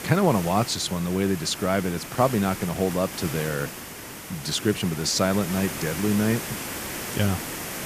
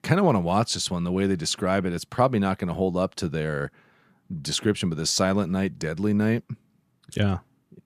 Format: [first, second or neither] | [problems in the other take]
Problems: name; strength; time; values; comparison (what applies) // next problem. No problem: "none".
second | hiss; loud; throughout; 8 dB below the speech